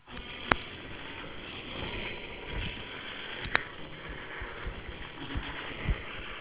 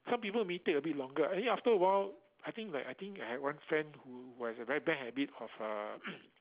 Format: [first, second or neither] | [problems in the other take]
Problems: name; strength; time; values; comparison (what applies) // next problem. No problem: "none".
second | noise reduction (neural separator model SepFormer WHAMR!)